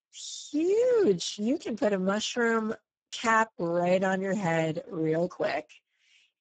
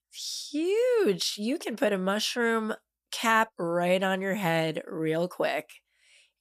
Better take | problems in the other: second | garbled, watery; badly; nothing above 7.5 kHz

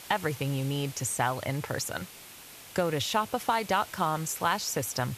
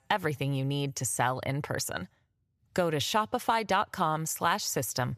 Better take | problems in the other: second | hiss; noticeable; throughout; 15 dB below the speech

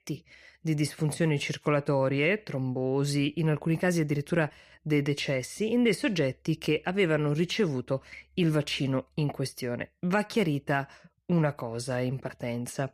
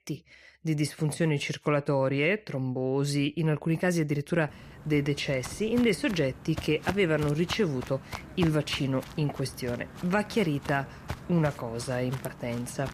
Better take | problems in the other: first | footsteps; noticeable; from 5 s on; peak 8 dB below the speech

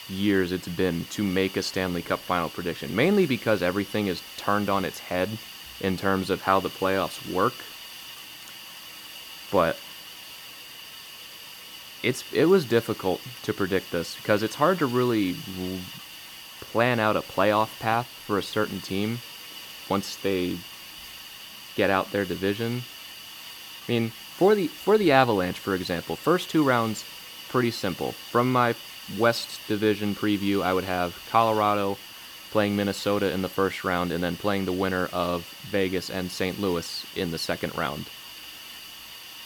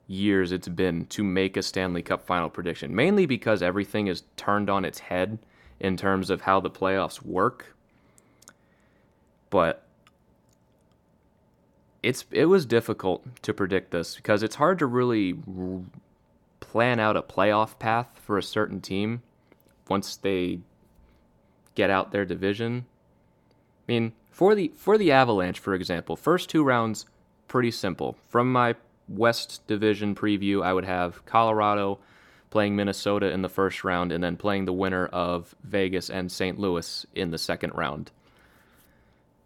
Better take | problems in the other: second | hiss; noticeable; throughout; 15 dB below the speech

